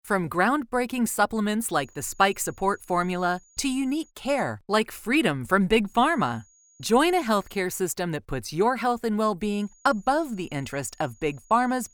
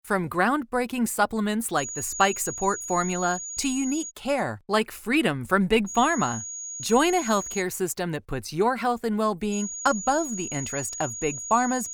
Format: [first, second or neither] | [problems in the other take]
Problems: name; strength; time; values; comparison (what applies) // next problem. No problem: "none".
first | high-pitched whine; loud; from 2 to 4 s, from 6 to 7.5 s and from 9.5 s on; 6.5 kHz, 7 dB below the speech; faint in the first